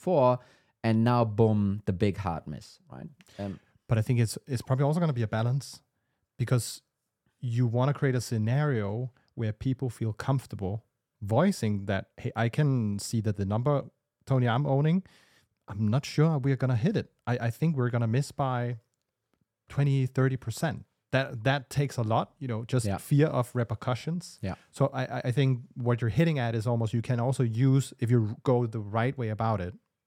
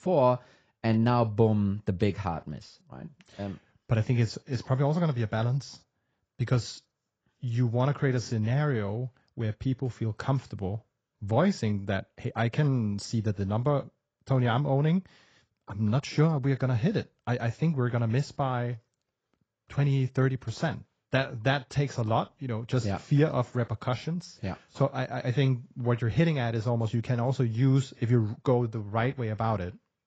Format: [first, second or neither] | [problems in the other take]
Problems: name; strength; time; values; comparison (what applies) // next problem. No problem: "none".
first | garbled, watery; badly; nothing above 7.5 kHz